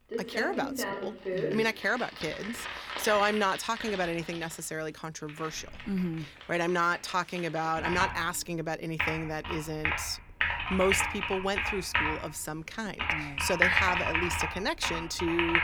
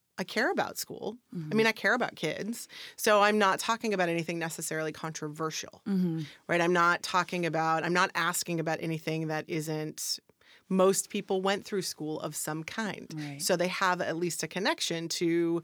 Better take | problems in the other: second | household noises; very loud; throughout; as loud as the speech

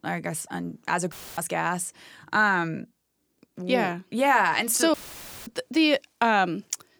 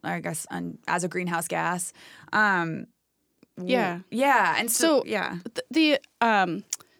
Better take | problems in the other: second | audio cutting out; filled with static; at 1 s and at 5 s for 0.5 s

